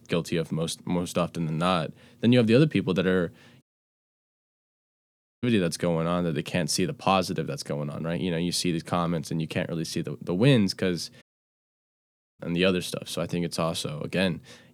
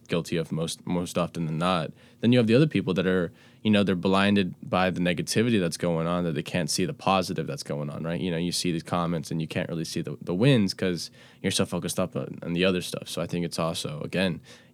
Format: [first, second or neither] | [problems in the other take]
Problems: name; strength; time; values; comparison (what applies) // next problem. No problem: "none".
second | audio cutting out; at 3.5 s for 2 s and at 11 s for 1 s